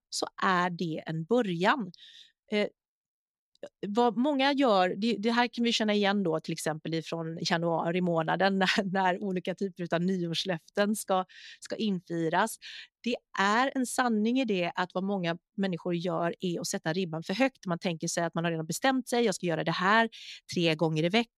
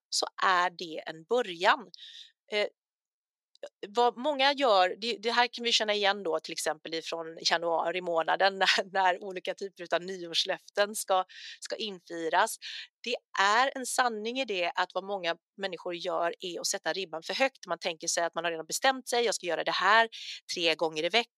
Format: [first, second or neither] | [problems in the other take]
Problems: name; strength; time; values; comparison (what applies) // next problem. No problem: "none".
first | thin; very; fading below 550 Hz